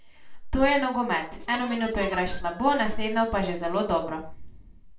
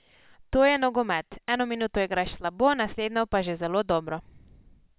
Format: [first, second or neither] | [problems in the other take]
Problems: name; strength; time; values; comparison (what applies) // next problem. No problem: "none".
second | background sound (Harmonica); 18 dB below the speech // room echo; dies away in 0.3 s